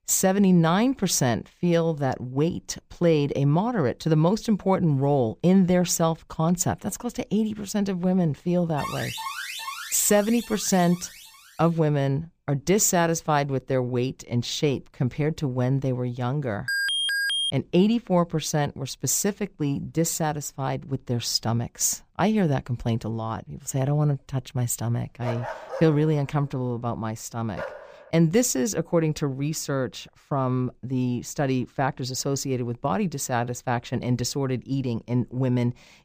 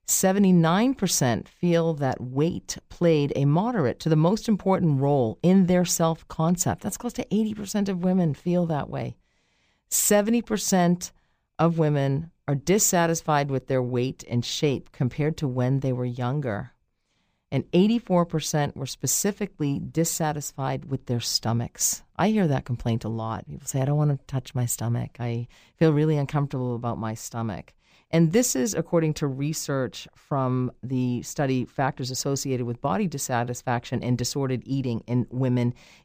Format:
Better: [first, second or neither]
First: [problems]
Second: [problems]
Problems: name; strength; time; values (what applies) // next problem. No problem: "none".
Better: second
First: alarm; noticeable; from 9 to 11 s; peak 7 dB below the speech // alarm; loud; at 17 s; peak 2 dB above the speech // dog barking; noticeable; from 25 to 28 s; peak 9 dB below the speech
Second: none